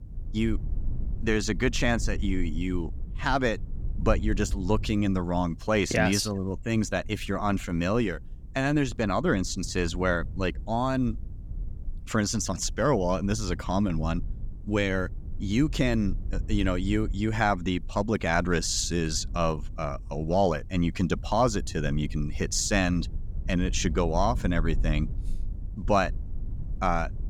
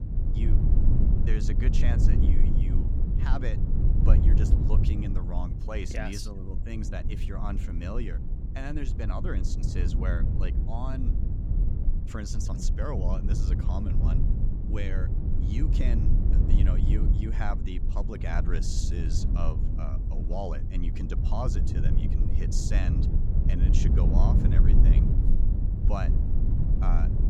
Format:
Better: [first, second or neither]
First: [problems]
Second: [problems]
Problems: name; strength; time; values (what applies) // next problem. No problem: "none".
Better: first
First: low rumble; faint; throughout; 25 dB below the speech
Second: low rumble; loud; throughout; 2 dB below the speech